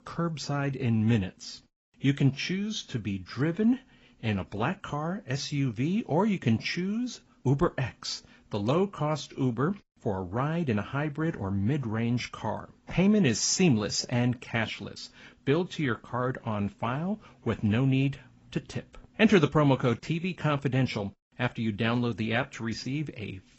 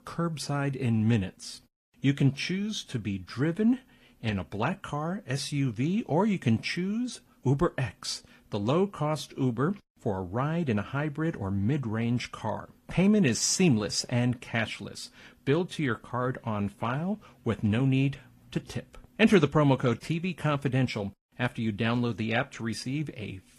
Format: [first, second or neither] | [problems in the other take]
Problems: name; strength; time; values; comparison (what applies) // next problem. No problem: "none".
second | garbled, watery; badly; nothing above 7.5 kHz; slightly in the second